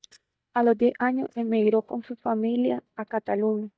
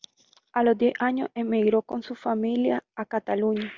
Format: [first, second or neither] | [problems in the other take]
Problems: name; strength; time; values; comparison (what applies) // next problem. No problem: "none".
second | noise reduction (neural mask model DeepFilterNet 3)